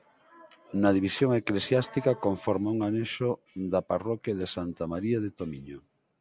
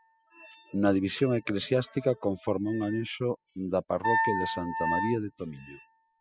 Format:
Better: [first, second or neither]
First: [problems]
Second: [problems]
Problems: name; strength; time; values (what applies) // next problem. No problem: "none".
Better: first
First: none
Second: noise reduction (classical method spectral subtraction)